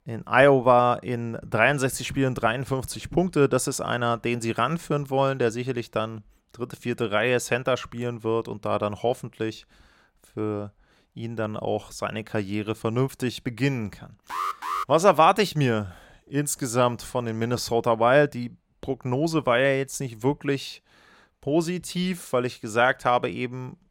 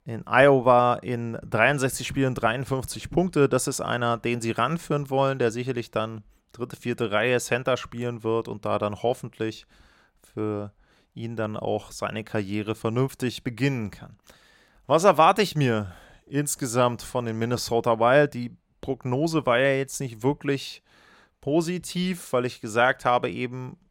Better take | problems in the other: second | alarm; noticeable; at 14 s; peak 4 dB below the speech

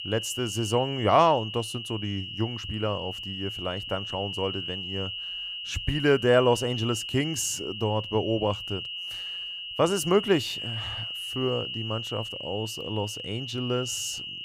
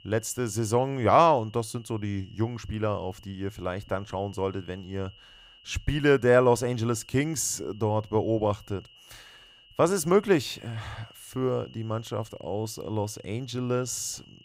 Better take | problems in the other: second | high-pitched whine; loud; throughout; 3 kHz, 6 dB below the speech; faint in the second

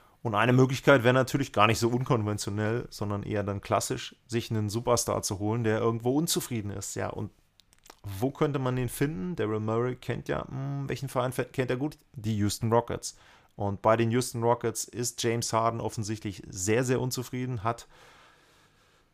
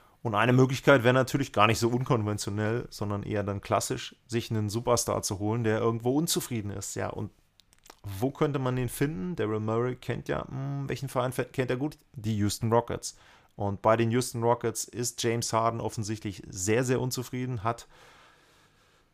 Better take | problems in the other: neither | none

